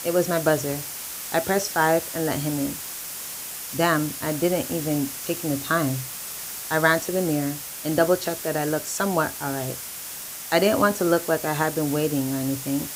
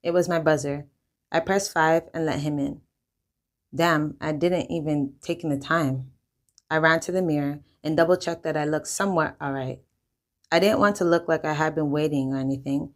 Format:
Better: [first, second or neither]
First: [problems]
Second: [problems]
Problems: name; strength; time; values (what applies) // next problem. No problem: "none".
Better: second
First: hiss; loud; throughout; 7 dB below the speech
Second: none